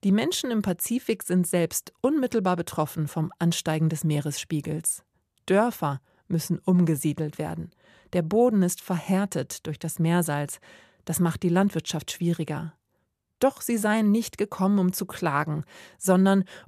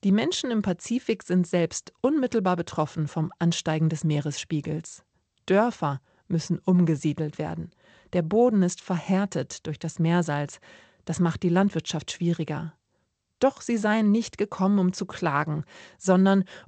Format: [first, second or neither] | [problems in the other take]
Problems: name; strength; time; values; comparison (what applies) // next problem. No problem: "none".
first | garbled, watery; slightly; nothing above 8 kHz